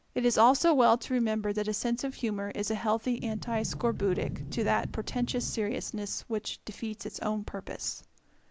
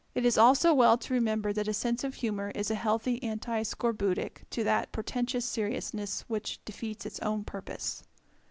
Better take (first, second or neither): second